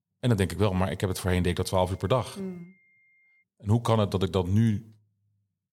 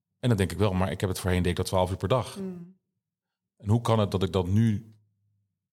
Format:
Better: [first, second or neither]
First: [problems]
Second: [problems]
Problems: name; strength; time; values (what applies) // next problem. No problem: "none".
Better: second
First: high-pitched whine; faint; from 1 to 3.5 s; 2 kHz, 35 dB below the speech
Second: none